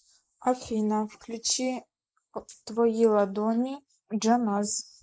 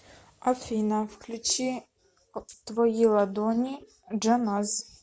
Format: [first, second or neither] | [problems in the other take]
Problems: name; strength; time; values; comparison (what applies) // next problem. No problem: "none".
second | noise reduction (neural mask model Resemble Enhance denoiser)